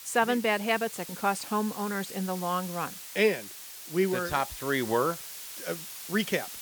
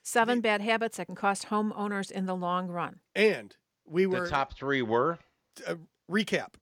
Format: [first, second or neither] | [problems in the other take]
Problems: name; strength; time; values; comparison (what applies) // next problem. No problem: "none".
second | hiss; noticeable; throughout; 10 dB below the speech